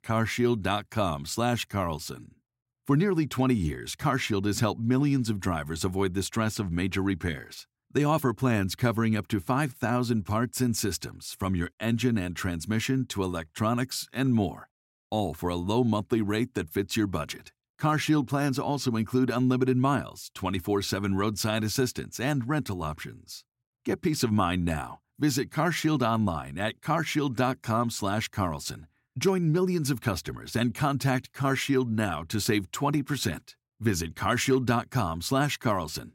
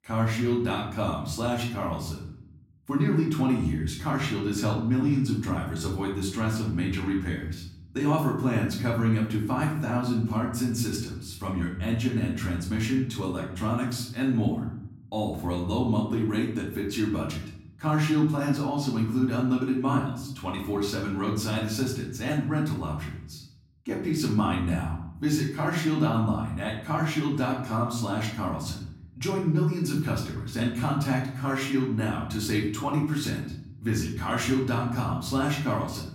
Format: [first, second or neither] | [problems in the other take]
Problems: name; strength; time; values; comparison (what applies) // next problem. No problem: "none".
first | room echo; slight; dies away in 0.8 s // off-mic speech; far